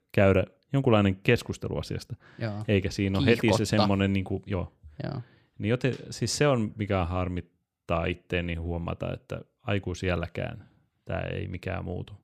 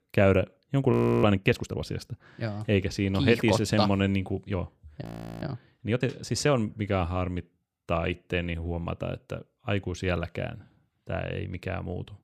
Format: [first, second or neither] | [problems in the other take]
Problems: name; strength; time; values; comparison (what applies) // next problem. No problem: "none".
first | audio freezing; at 1 s and at 5 s